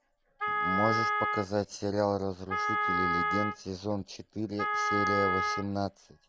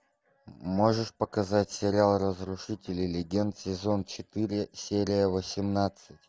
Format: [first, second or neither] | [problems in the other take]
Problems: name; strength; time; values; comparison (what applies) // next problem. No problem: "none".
second | background sound (Wind instrument, woodwind instrument); 1 dB above the speech